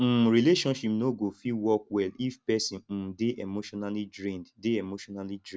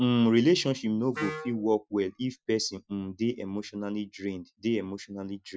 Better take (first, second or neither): first